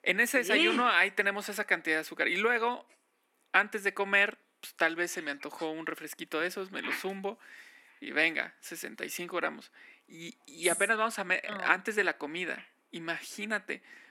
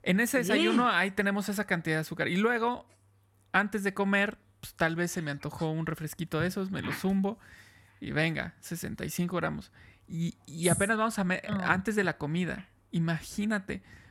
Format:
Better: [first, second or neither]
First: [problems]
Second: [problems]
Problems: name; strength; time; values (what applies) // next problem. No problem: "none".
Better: second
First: thin; somewhat; fading below 250 Hz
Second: none